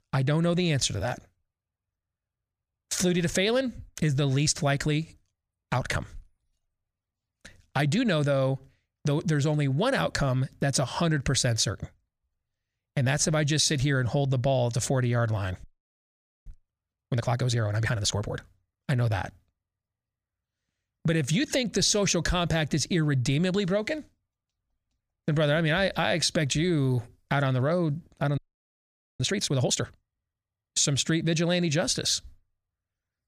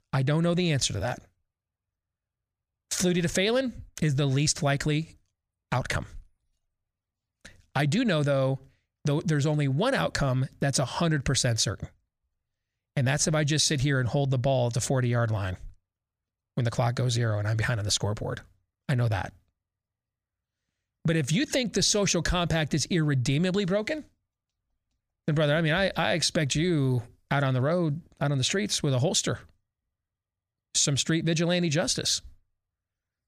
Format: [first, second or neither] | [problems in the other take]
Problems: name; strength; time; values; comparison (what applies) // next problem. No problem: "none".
second | audio freezing; at 16 s for 1 s and at 28 s for 1 s